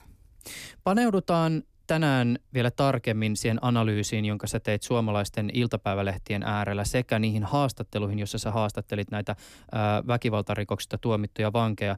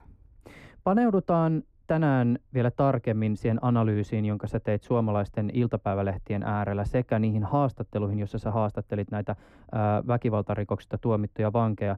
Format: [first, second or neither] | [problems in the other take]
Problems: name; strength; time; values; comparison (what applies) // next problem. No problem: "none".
first | muffled; very; fading above 2.5 kHz